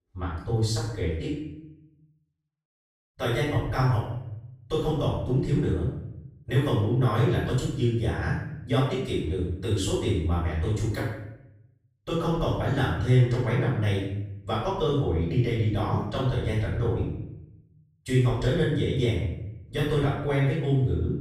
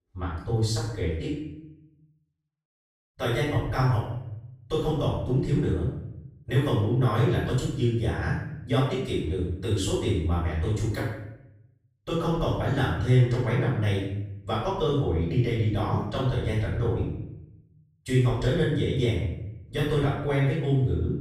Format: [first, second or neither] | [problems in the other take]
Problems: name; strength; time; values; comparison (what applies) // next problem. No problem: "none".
neither | room echo; noticeable; dies away in 0.7 s; the same in both // off-mic speech; far; the same in both